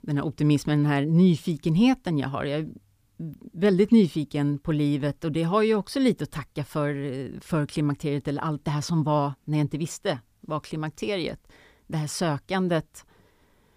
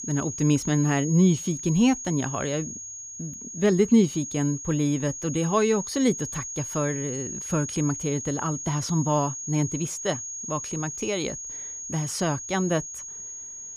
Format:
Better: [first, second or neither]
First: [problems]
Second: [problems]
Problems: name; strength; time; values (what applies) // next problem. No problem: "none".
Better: first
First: none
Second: high-pitched whine; loud; throughout; 6.5 kHz, 8 dB below the speech